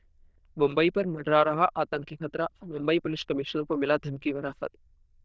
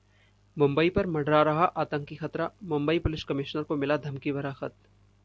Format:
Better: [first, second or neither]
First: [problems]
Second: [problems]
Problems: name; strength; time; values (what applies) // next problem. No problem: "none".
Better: second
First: noise reduction (neural diffusion model UNIVERSE++)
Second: none